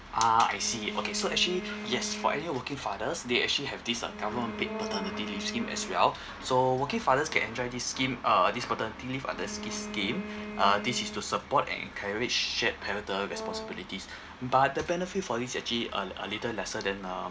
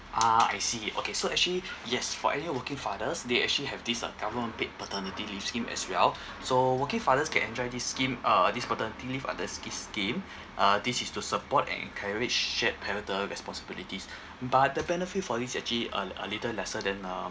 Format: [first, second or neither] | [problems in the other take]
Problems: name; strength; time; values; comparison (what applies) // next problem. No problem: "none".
second | background sound (Brass instrument + Bowed string instrument); 11 dB below the speech